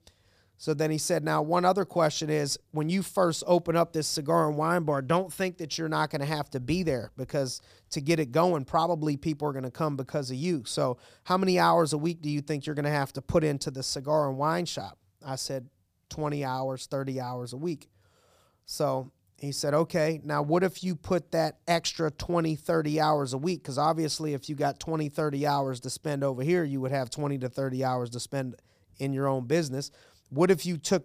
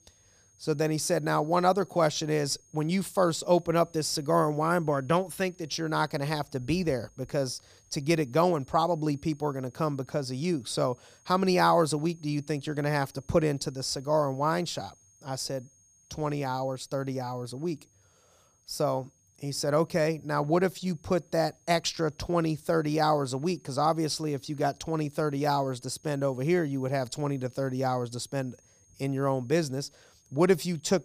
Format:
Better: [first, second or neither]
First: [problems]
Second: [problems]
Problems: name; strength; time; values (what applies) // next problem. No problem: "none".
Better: first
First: none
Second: high-pitched whine; faint; throughout; 6.5 kHz, 30 dB below the speech